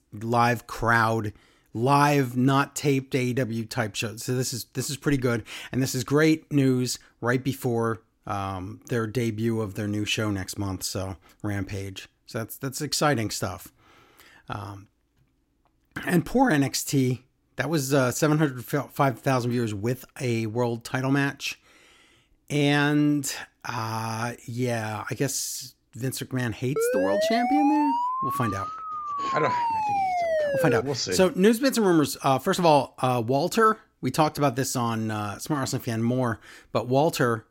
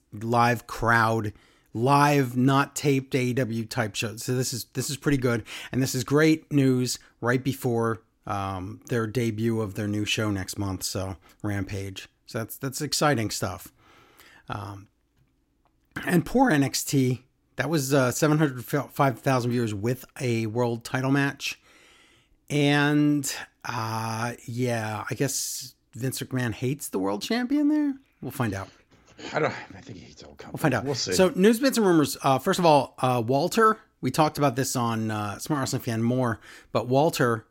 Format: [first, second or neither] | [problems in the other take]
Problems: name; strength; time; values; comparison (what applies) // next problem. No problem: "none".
second | siren; loud; from 27 to 31 s; peak 1 dB above the speech